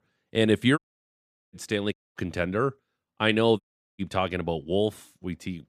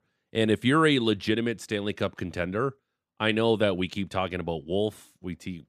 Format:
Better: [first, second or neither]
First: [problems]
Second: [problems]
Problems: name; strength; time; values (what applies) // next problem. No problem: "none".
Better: second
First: audio cutting out; at 1 s for 1 s, at 2 s and at 3.5 s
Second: none